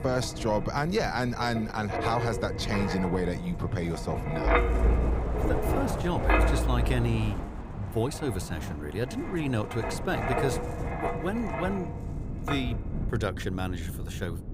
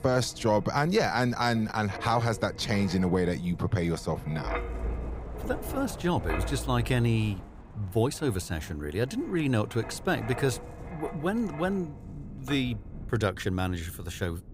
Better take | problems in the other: second | wind noise on the microphone; heavy; as loud as the speech; occasional gusts in the second

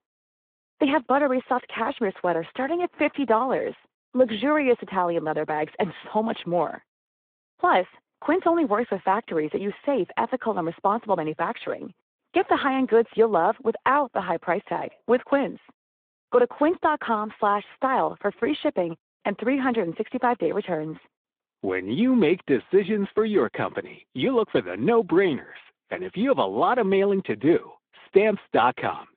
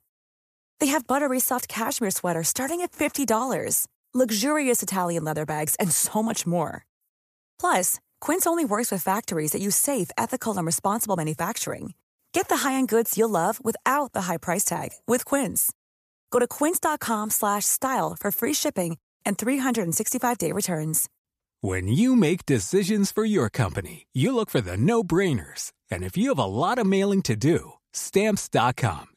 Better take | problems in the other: second | phone-call audio

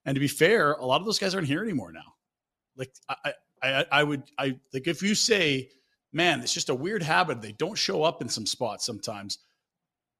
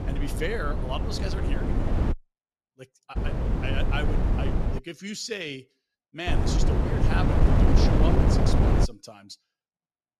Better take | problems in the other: first | wind noise on the microphone; heavy; until 2 s, from 3 to 5 s and from 6.5 to 9 s; 2 dB above the speech

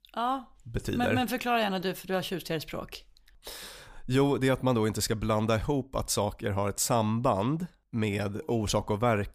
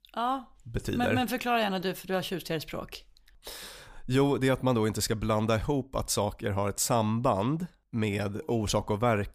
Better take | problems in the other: neither | none

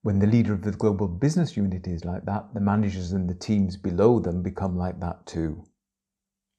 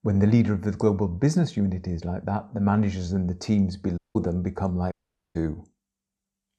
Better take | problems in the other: first | audio cutting out; at 4 s and at 5 s

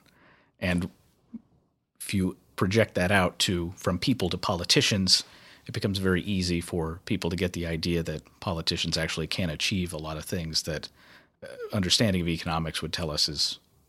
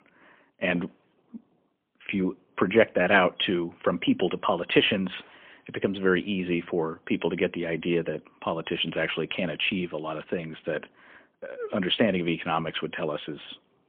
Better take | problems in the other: first | phone-call audio; poor line; nothing above 3.5 kHz

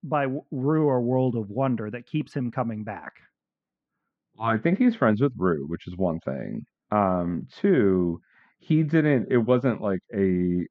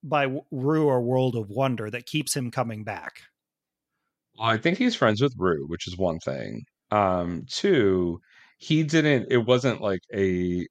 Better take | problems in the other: second | muffled; very; fading above 1.5 kHz

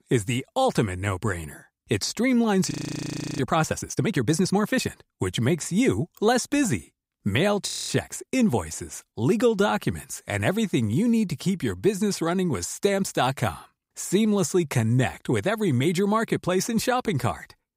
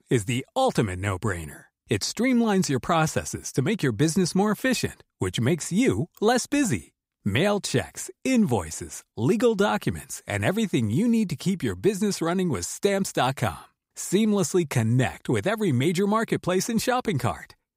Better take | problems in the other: second | audio freezing; at 2.5 s for 0.5 s and at 7.5 s

